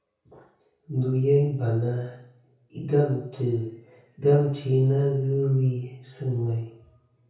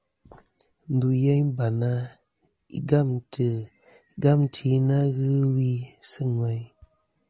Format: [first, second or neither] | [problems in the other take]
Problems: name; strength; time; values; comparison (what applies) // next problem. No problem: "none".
second | room echo; dies away in 0.6 s